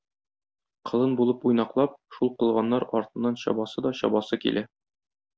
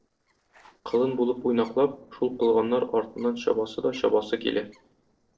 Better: first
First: none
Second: noise reduction (neural separator model SepFormer DNS4)

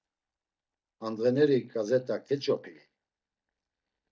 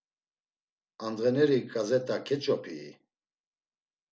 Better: second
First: noise reduction (neural mask model DeepFilterNet 3)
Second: none

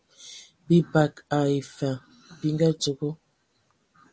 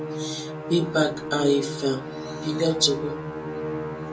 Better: first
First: none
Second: background sound (Musical instrument); 5 dB below the speech // room echo; dies away in 0.2 s

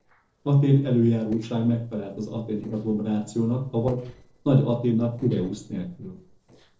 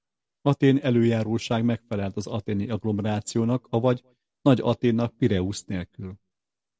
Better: second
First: noise reduction (neural separator model SepFormer DNS4)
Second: none

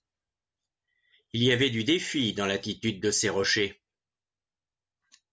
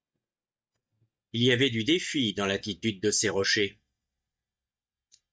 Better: first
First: none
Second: noise reduction (neural mask model DeepFilterNet 3)

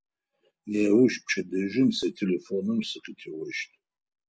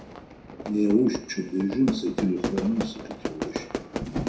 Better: first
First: none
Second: background sound (Fire / Fireworks); 6 dB below the speech // room echo; dies away in 0.6 s

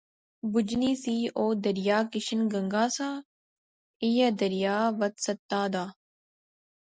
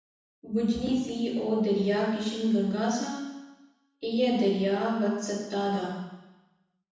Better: first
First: none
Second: room echo; dies away in 1.1 s

